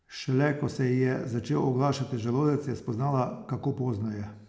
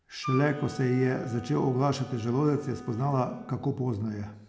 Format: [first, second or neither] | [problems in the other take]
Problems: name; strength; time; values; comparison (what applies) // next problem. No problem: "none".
first | background sound (Wind instrument, woodwind instrument); 15 dB below the speech